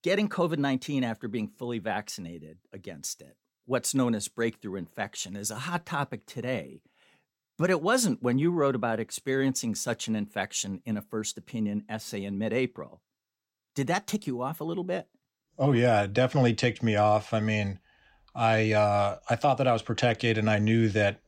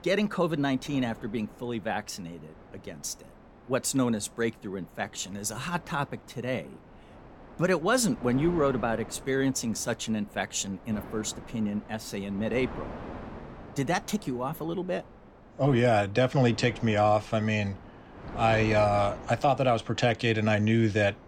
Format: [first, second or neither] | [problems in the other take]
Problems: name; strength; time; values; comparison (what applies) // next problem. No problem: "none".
first | wind noise on the microphone; occasional gusts; 20 dB below the speech